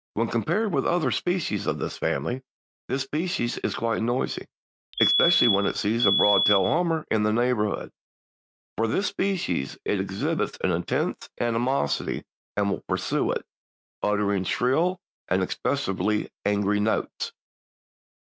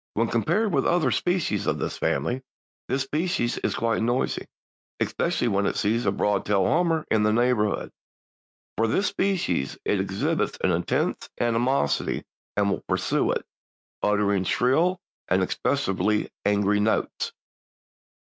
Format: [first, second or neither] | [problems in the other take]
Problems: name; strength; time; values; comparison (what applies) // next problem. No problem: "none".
second | background sound (Alarm); 1 dB above the speech